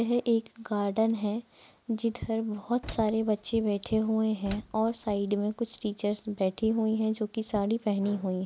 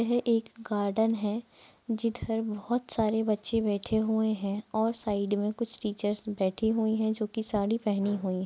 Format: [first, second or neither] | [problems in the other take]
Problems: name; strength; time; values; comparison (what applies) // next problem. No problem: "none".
second | background sound (Slam); 18 dB below the speech